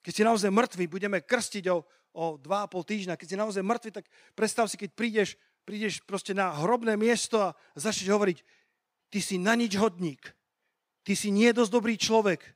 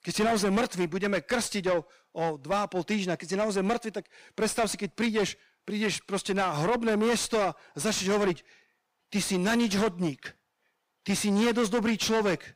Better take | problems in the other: first | distortion; heavy; 6 dB below the speech

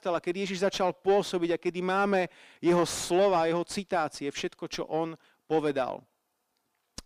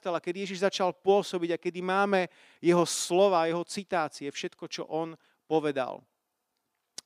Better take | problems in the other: second | distortion; slight; 10 dB below the speech

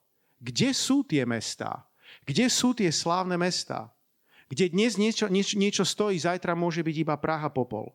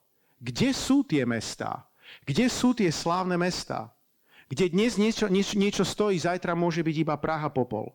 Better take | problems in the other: first | distortion; slight; 10 dB below the speech

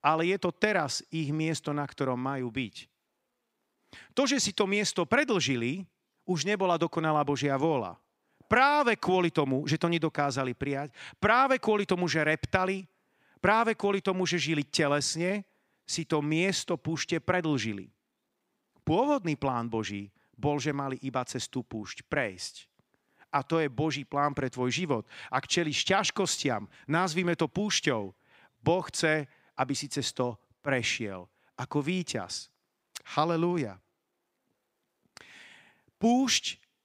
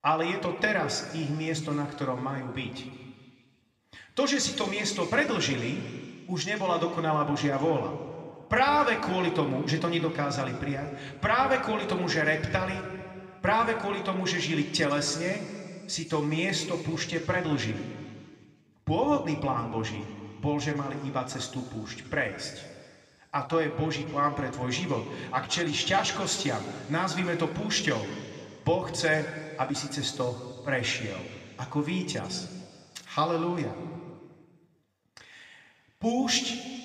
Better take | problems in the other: first | room echo; slight; dies away in 2 s

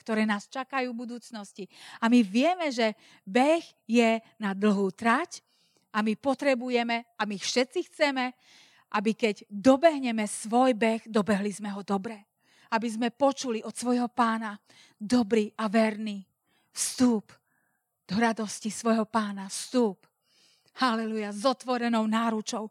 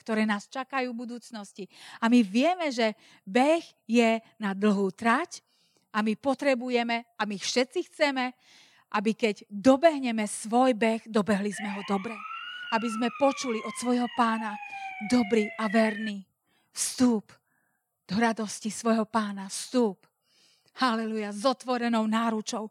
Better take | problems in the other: first | siren; noticeable; from 12 to 16 s; peak 8 dB below the speech

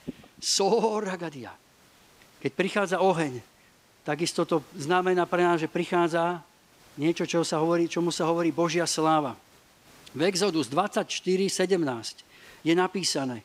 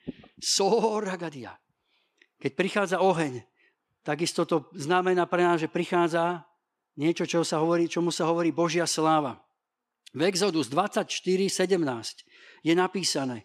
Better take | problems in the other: second | hiss; faint; throughout; 30 dB below the speech

